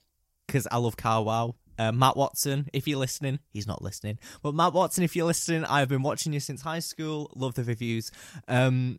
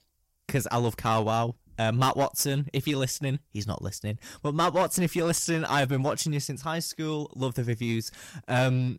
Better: first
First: none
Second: distortion; slight; 6% of the sound clipped

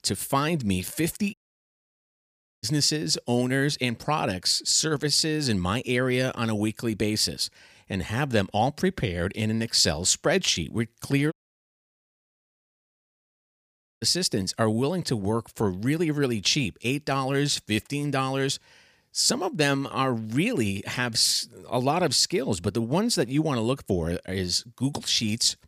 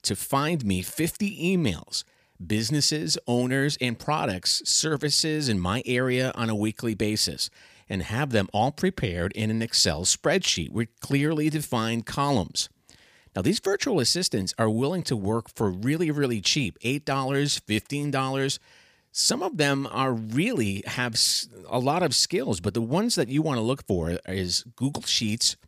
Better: second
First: audio cutting out; at 1.5 s for 1.5 s and at 11 s for 2.5 s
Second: none

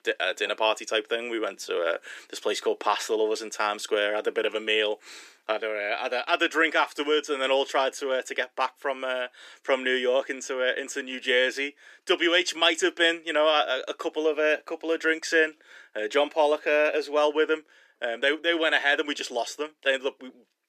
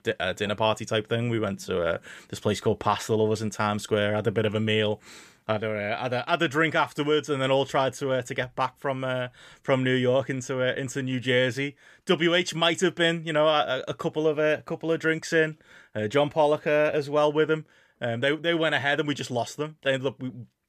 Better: second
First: thin; somewhat; fading below 300 Hz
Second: none

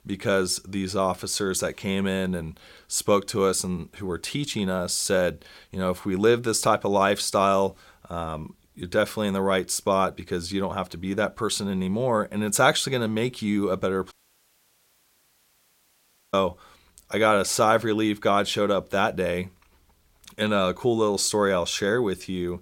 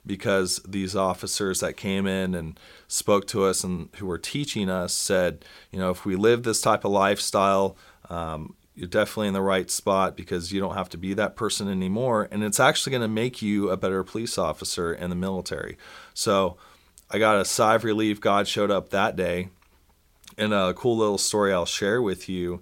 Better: second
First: audio cutting out; at 14 s for 2 s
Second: none

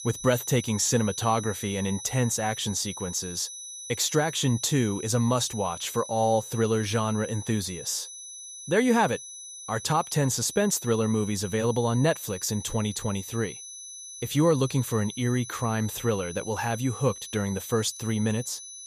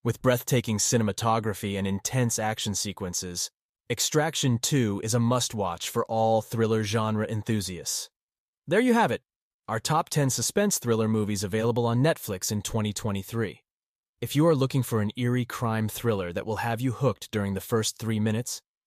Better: second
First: high-pitched whine; noticeable; throughout; 6 kHz, 10 dB below the speech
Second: none

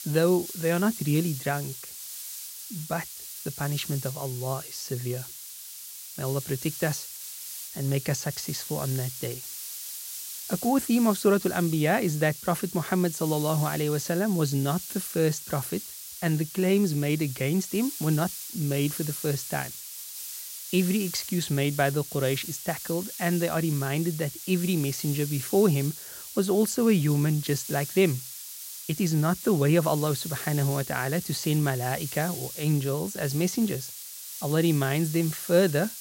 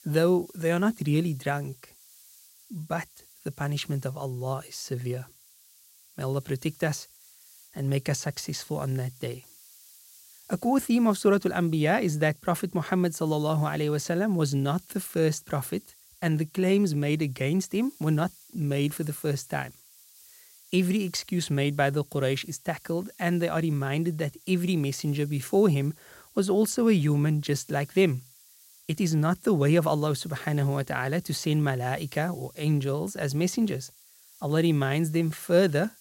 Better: second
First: hiss; loud; throughout; 9 dB below the speech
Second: hiss; faint; throughout; 25 dB below the speech

